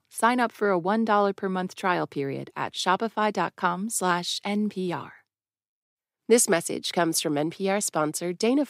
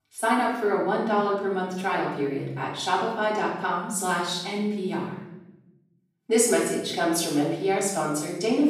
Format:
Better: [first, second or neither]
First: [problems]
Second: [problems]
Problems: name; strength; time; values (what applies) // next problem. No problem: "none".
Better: first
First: none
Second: off-mic speech; far // room echo; noticeable; dies away in 0.8 s